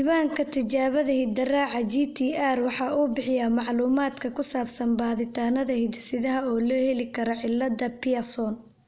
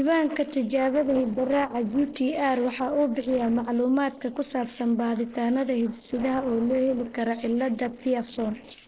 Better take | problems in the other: first | noise reduction (neural separator model SepFormer DNS4)

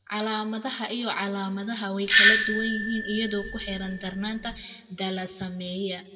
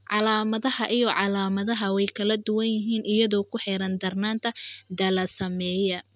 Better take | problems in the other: second | background sound (Doorbell); 5 dB above the speech // room echo; dies away in 1.4 s

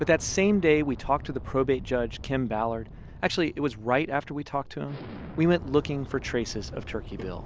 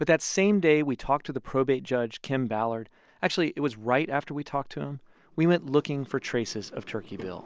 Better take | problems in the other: second | background sound (Explosion); 13 dB below the speech

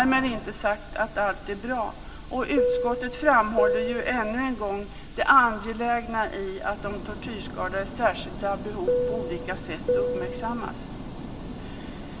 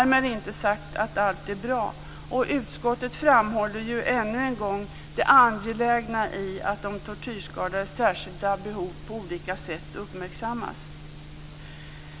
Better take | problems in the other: second | background sound (Fixed-wing aircraft, airplane); 4 dB below the speech // room echo; dies away in 0.4 s

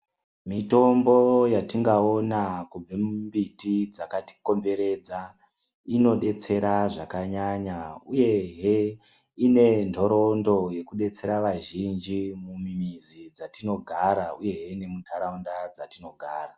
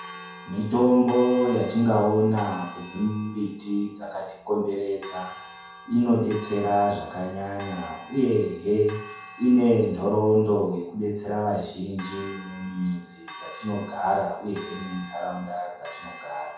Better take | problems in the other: first | background sound (Church bell); 18 dB below the speech // room echo; dies away in 0.5 s

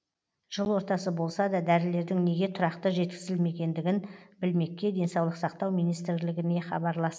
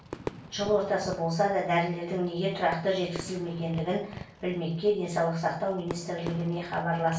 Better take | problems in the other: first | background sound (Fireworks); 14 dB below the speech // room echo; dies away in 0.3 s

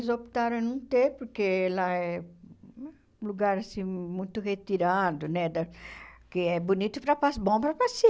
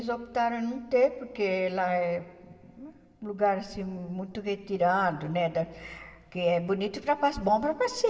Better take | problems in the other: first | room echo; dies away in 2.6 s

